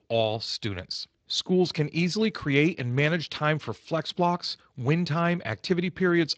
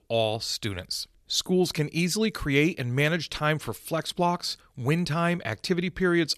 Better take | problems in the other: second | garbled, watery; slightly; nothing above 7.5 kHz

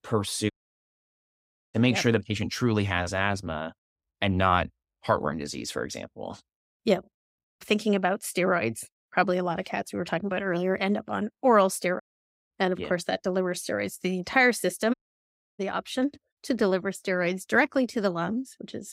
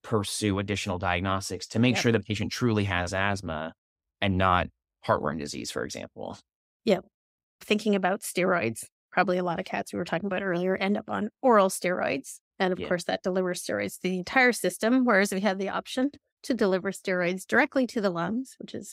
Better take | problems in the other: second | audio cutting out; at 0.5 s for 1 s, at 12 s for 0.5 s and at 15 s for 0.5 s

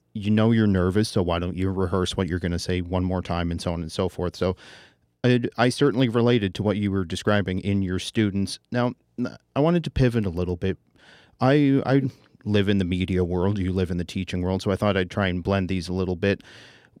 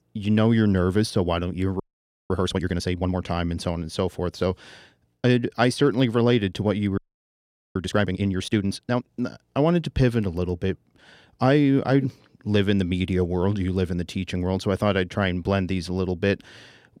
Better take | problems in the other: first | audio freezing; at 2 s and at 7 s for 1 s

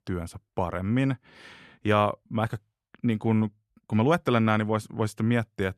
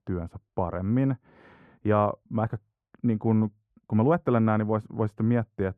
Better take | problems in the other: first | muffled; very; fading above 2 kHz

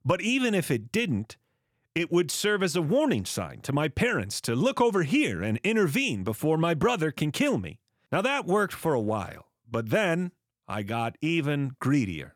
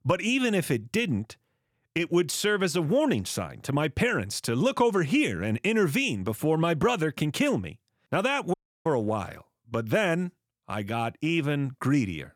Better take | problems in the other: first | audio cutting out; at 8.5 s

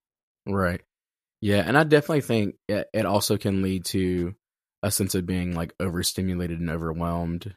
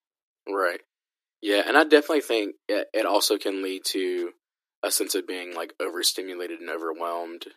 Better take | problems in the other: first | thin; somewhat; fading below 300 Hz

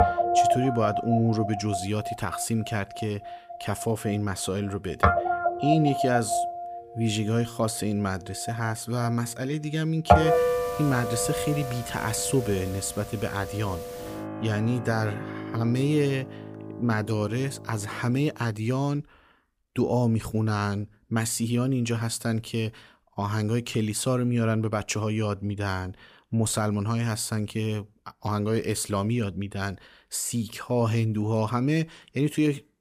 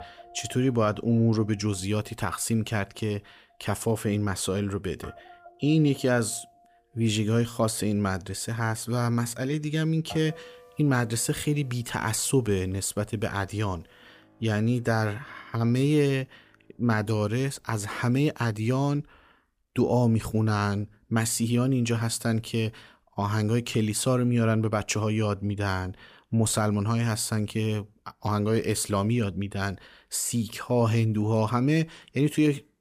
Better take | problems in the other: second | background music; loud; until 18 s; 1 dB below the speech; faint in the second

